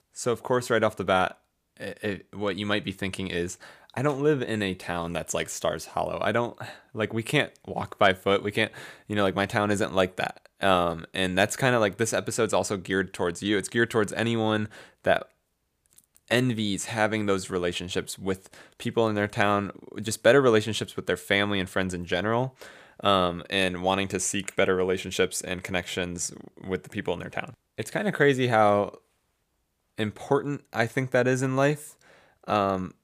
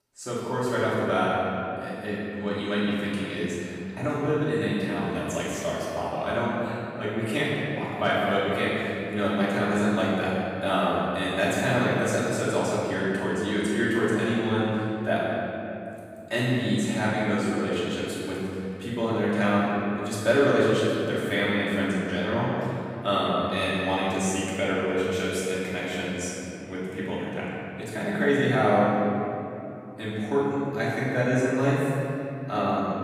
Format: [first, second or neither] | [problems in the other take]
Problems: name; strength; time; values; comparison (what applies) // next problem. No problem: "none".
first | room echo; strong; dies away in 2.8 s // off-mic speech; far